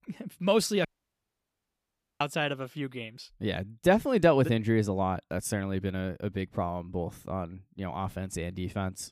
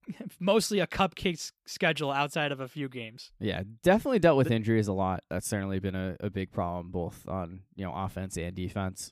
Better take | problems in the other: second | audio cutting out; at 1 s for 1.5 s

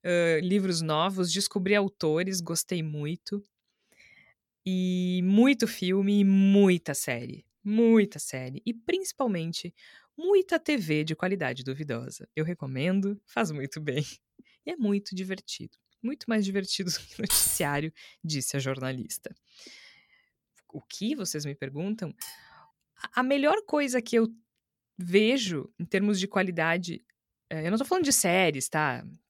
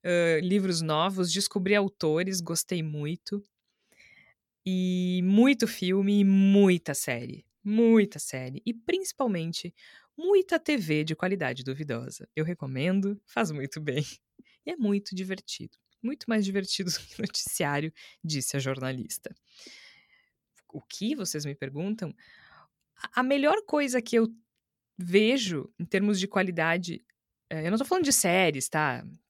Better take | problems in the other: second | jangling keys; loud; at 17 s; peak 4 dB above the speech // clattering dishes; faint; at 22 s; peak 15 dB below the speech

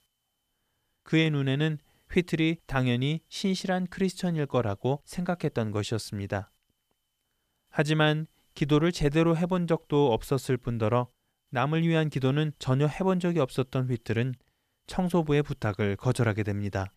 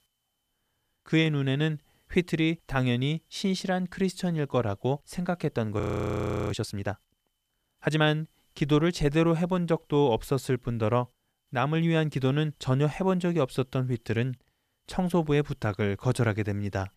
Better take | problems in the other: first | audio freezing; at 6 s for 0.5 s

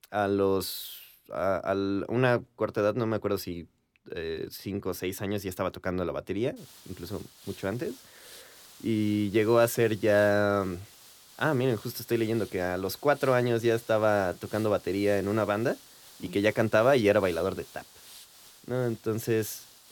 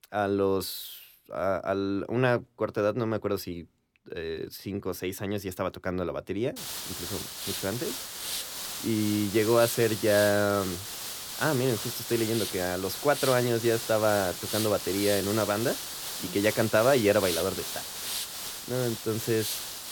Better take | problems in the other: first | hiss; loud; from 6.5 s on; 5 dB below the speech; faint in the first

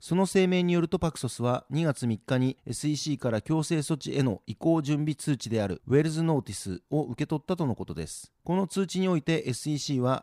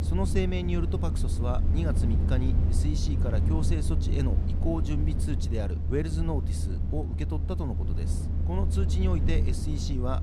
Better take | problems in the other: first | low rumble; loud; throughout; 5 dB below the speech

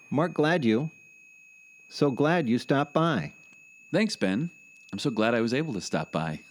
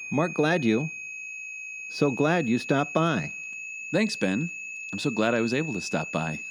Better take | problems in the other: first | high-pitched whine; loud; throughout; 2.5 kHz, 8 dB below the speech; faint in the first

